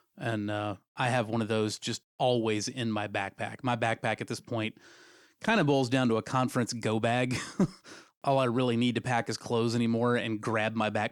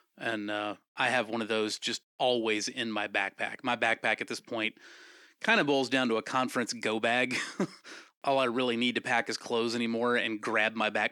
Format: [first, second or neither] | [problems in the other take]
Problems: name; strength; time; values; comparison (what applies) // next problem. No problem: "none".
first | thin; very slightly; fading below 300 Hz